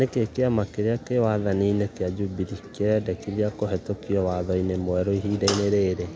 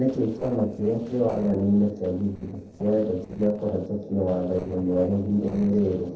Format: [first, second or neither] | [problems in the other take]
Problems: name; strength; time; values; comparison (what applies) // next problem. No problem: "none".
first | noise reduction (neural separator model SepFormer DNS4)